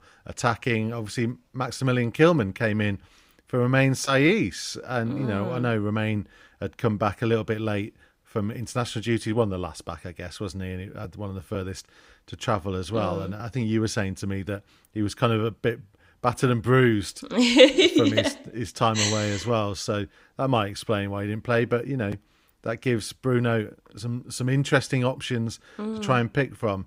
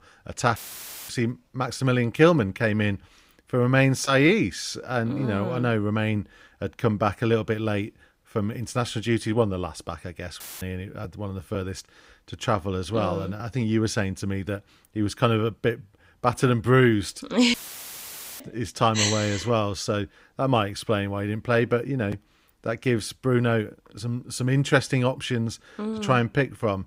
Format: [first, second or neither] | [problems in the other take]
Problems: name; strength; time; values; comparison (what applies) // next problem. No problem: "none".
first | audio cutting out; filled with static; at 0.5 s for 0.5 s, at 10 s and at 18 s for 1 s